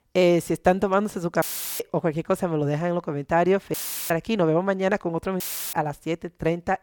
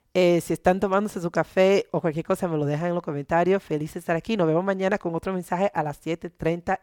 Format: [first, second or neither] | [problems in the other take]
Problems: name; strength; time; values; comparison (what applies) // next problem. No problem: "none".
second | audio cutting out; filled with static; at 1.5 s, at 3.5 s and at 5.5 s